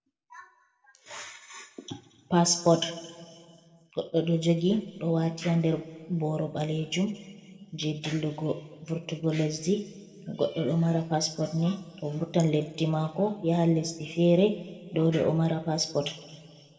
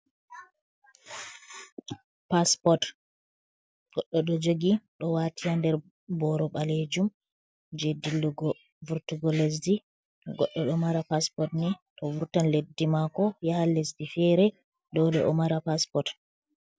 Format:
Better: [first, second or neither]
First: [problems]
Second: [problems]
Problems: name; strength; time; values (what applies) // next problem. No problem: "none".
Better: second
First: room echo; dies away in 1.6 s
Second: none